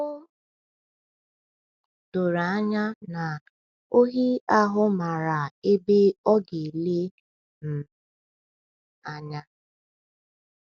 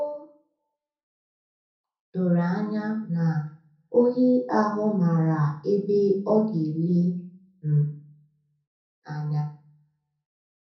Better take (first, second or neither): first